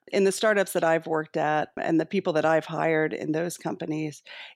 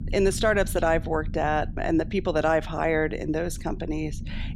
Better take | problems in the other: first | low rumble; faint; throughout; 25 dB below the speech

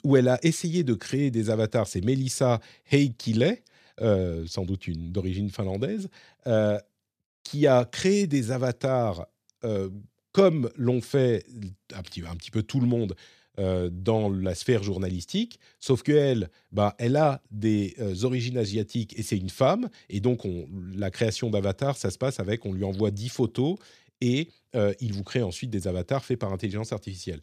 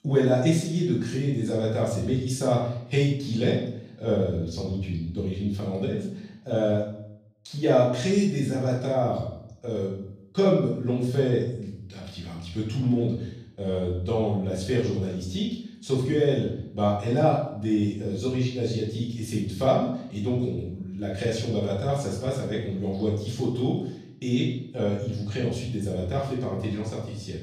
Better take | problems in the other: first | off-mic speech; far // room echo; noticeable; dies away in 0.6 s

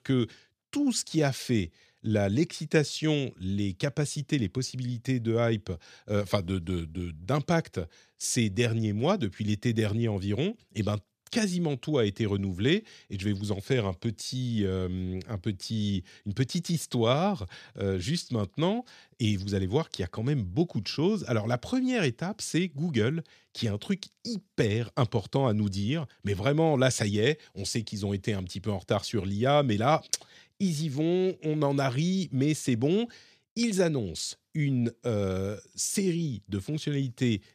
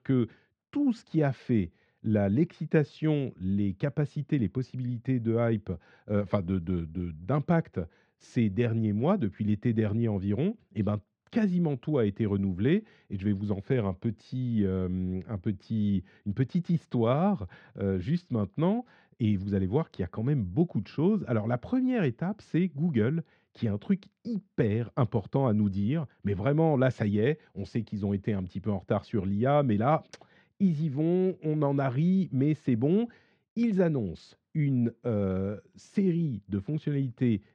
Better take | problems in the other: first | muffled; very; fading above 1.5 kHz

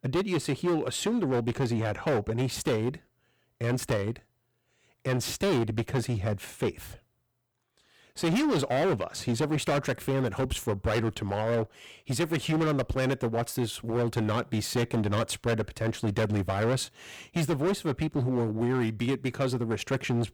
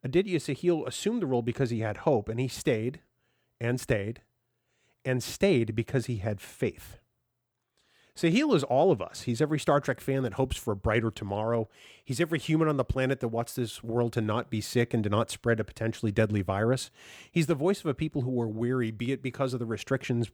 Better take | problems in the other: second | distortion; heavy; 15% of the sound clipped

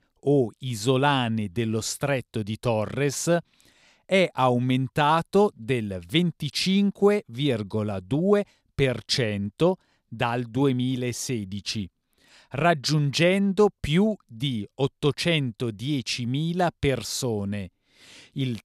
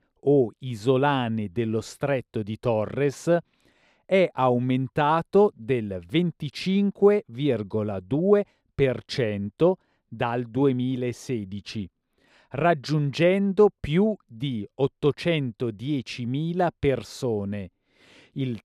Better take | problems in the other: first | muffled; slightly; fading above 3.5 kHz

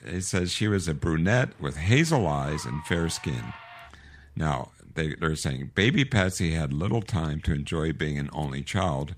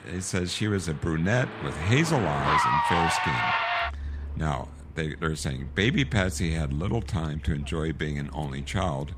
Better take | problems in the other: first | traffic noise; loud; throughout; 1 dB below the speech; faint in the first

